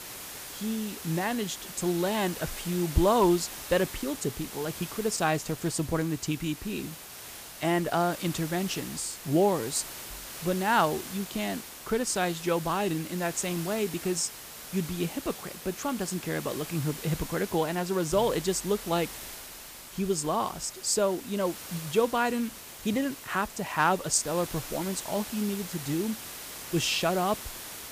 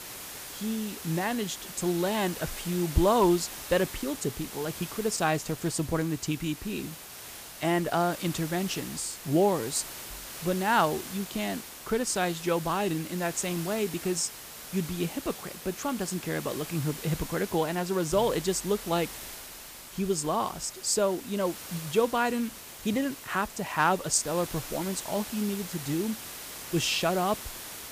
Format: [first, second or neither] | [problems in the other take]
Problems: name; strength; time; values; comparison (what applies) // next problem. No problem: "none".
neither | hiss; noticeable; throughout; 10 dB below the speech; the same in both